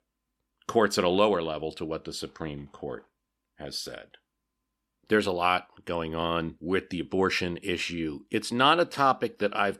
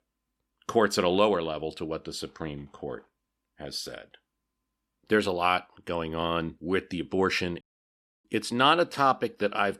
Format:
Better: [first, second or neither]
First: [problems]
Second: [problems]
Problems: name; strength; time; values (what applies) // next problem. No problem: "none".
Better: first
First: none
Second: audio cutting out; at 7.5 s for 0.5 s